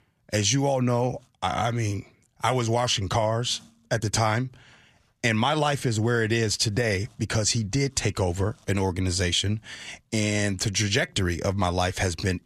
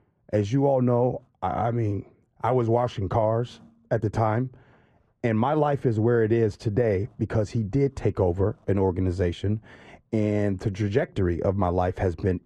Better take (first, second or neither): first